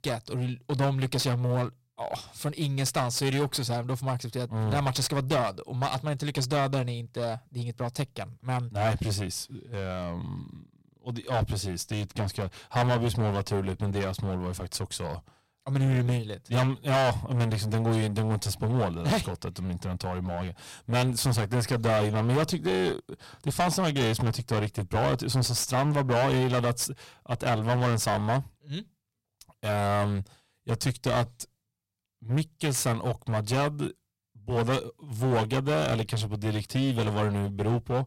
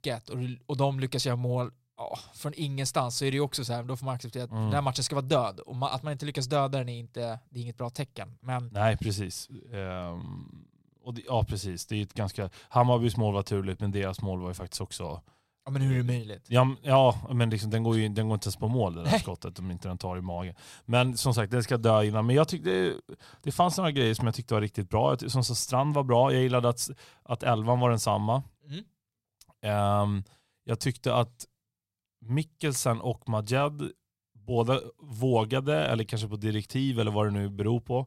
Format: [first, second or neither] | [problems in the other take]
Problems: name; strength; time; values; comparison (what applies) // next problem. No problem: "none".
second | distortion; heavy; 15% of the sound clipped